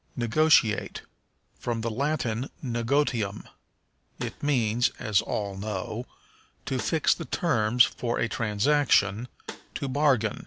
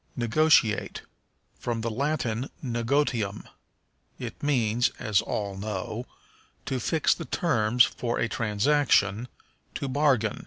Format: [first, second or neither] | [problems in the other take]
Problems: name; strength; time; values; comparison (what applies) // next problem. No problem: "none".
second | background sound (Snare drum); 15 dB below the speech